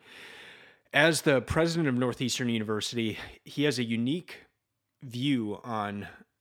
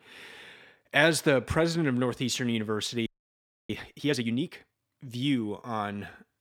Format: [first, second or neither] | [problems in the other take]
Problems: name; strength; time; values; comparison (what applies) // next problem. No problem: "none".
first | audio freezing; at 3 s for 0.5 s